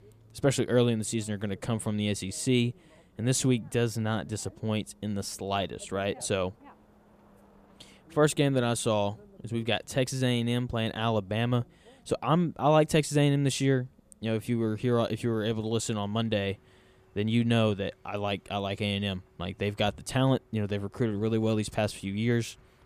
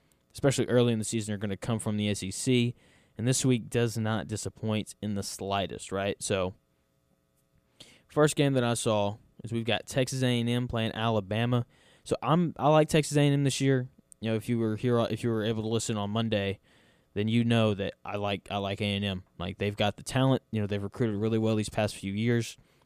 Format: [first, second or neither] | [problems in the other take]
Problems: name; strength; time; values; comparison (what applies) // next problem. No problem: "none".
second | traffic noise; faint; throughout; 30 dB below the speech